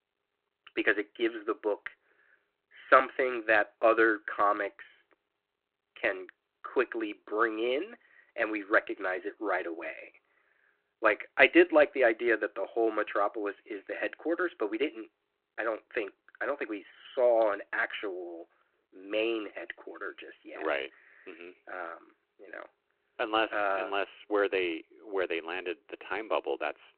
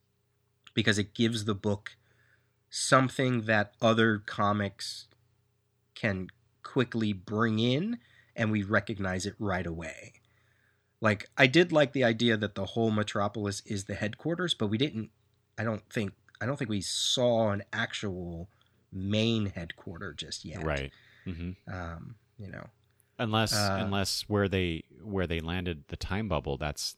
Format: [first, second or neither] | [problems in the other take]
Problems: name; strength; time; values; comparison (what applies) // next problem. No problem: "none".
second | phone-call audio